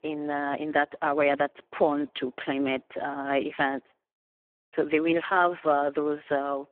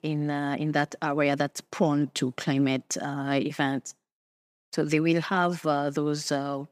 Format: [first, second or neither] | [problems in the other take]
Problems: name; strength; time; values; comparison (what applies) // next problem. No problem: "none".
second | phone-call audio; poor line